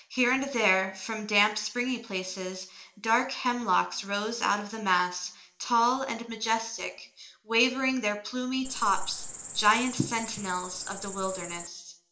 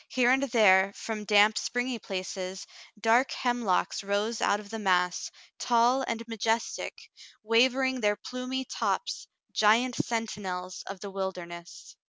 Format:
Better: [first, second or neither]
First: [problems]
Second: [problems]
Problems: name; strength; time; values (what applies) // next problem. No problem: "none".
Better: second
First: background sound (Cricket); 8 dB below the speech // room echo; dies away in 0.5 s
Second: none